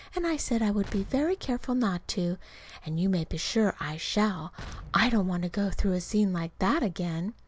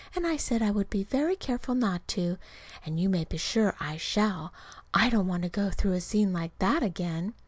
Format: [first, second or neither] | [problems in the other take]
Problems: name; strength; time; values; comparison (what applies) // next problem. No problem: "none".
second | background sound (Explosion); 18 dB below the speech